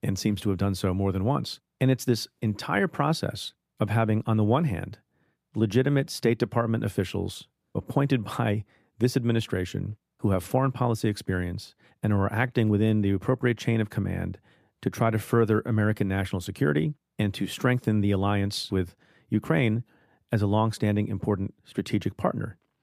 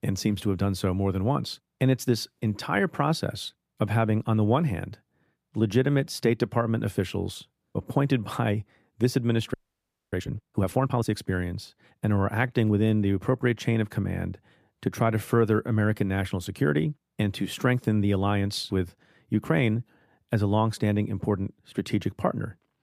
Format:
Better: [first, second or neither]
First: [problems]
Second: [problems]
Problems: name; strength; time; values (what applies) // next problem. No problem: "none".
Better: first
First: none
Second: audio freezing; at 9.5 s for 0.5 s